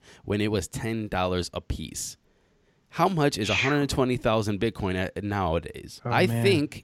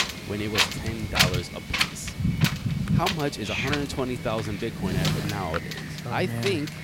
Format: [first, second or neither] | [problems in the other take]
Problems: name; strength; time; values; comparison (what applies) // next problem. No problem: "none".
first | wind noise on the microphone; heavy; 3 dB above the speech